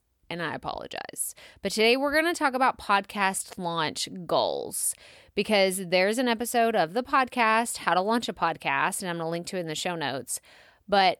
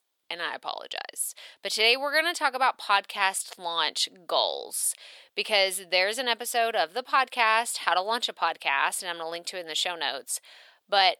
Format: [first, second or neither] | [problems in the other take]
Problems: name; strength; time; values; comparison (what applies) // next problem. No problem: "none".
first | thin; very; fading below 600 Hz